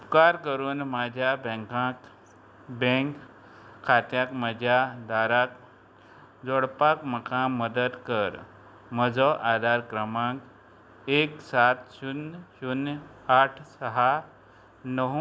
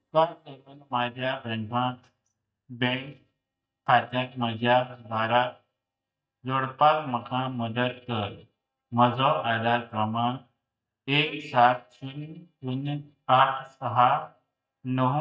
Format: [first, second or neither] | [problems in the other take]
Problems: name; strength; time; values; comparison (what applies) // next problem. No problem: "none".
first | noise reduction (neural mask model DeepFilterNet 3)